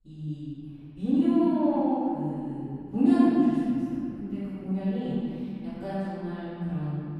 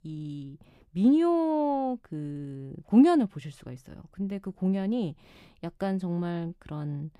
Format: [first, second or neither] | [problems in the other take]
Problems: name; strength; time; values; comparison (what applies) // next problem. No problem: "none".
second | off-mic speech; far // room echo; strong; dies away in 2.4 s